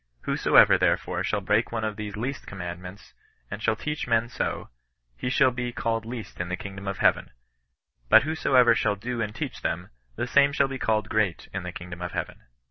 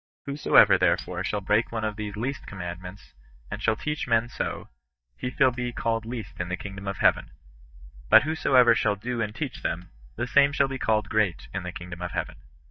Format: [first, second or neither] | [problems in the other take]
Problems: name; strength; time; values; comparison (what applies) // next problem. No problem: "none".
first | noise reduction (neural mask model DeepFilterNet 3)